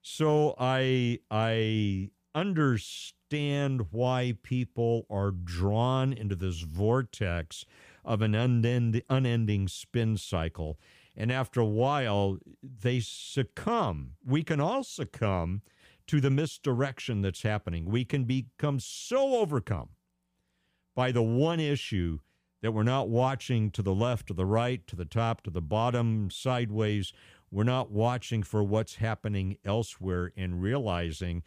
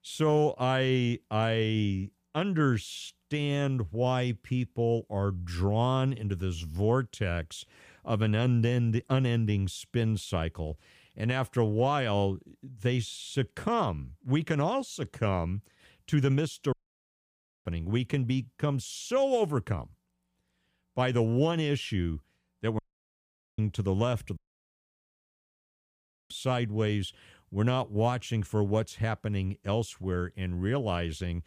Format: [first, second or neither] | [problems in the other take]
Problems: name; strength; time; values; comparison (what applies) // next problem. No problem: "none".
first | audio cutting out; at 17 s for 1 s, at 23 s for 1 s and at 24 s for 2 s